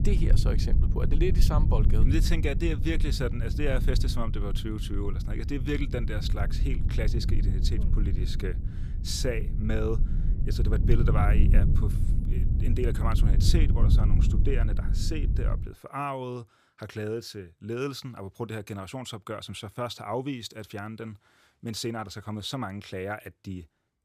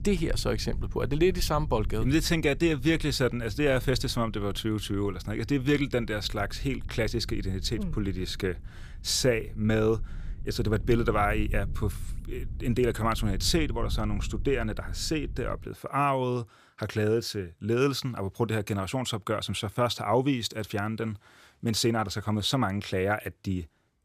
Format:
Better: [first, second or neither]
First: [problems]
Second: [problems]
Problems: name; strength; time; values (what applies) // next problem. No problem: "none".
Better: second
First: low rumble; loud; until 16 s; 7 dB below the speech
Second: low rumble; faint; until 16 s; 25 dB below the speech